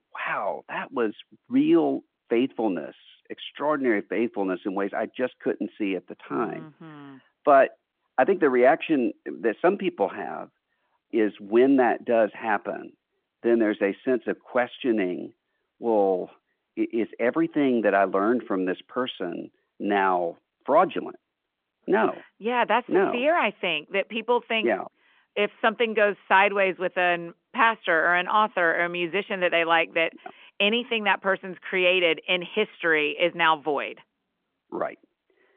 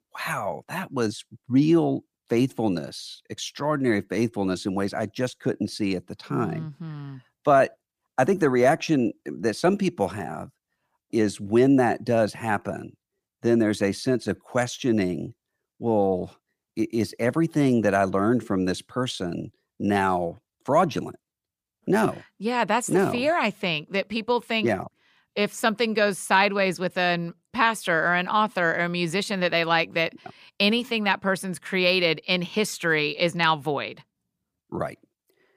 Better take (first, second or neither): second